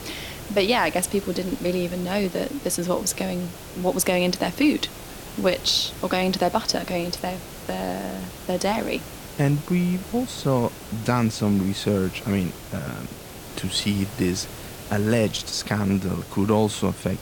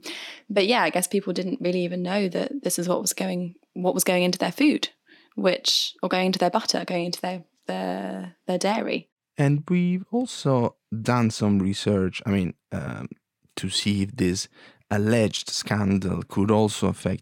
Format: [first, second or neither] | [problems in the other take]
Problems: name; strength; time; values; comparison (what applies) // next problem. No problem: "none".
second | hiss; noticeable; throughout; 15 dB below the speech